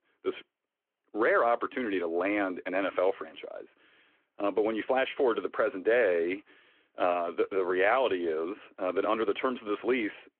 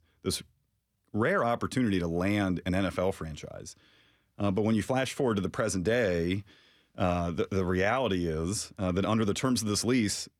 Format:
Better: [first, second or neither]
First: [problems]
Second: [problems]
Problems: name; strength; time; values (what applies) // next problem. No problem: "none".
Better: second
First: phone-call audio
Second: none